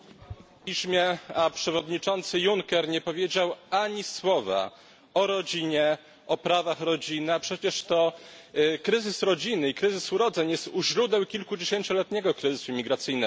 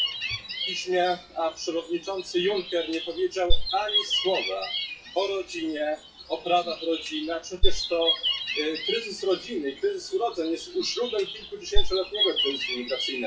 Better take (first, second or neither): first